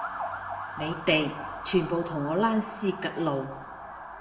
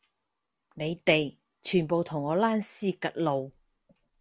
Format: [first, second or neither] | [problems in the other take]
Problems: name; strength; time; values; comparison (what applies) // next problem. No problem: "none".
second | background sound (Motor vehicle (road) / Siren); 8 dB below the speech // room echo; dies away in 0.8 s